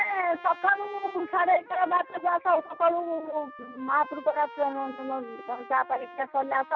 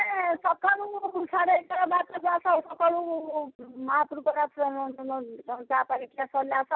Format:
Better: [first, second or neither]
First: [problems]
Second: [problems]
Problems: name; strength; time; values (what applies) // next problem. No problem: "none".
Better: second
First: background sound (Trumpet); 18 dB below the speech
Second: none